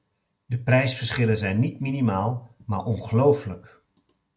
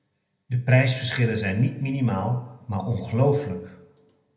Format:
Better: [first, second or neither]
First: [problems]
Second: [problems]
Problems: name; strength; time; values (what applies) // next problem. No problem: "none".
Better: first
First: none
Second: room echo; dies away in 0.7 s